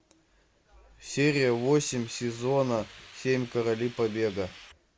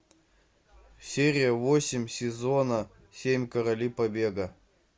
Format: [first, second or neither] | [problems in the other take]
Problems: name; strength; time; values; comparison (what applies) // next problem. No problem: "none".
second | background sound (Hiss); 20 dB below the speech